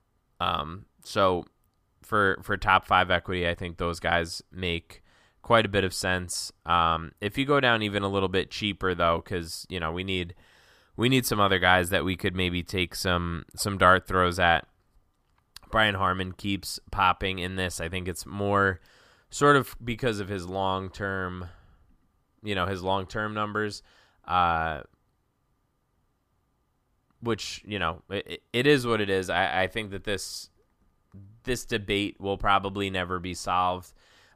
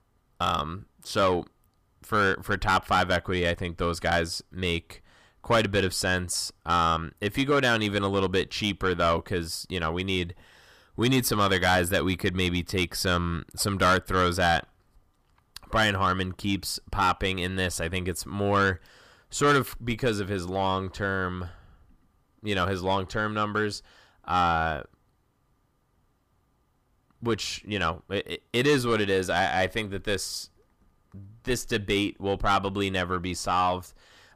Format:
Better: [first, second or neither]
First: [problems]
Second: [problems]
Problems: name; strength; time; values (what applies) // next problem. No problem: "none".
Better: first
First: none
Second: distortion; slight; 10 dB below the speech